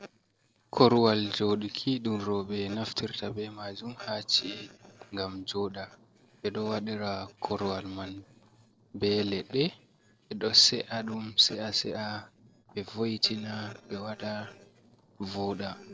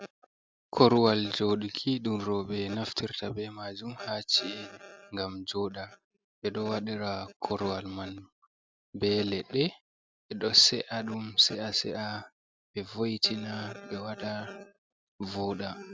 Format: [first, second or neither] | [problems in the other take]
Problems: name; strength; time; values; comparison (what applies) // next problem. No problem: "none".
second | noise reduction (neural separator model SepFormer DNS4)